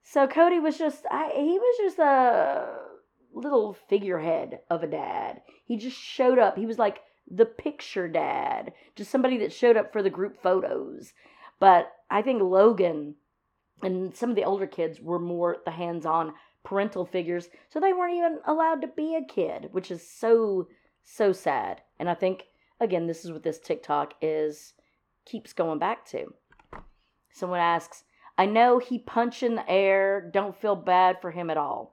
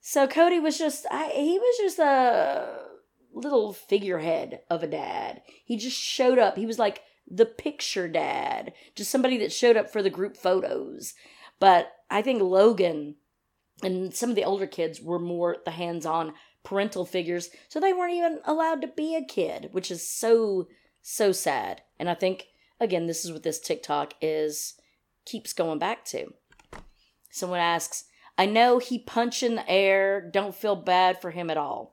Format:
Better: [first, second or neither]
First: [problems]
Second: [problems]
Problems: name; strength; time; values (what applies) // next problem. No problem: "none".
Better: second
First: muffled; slightly; fading above 3.5 kHz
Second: none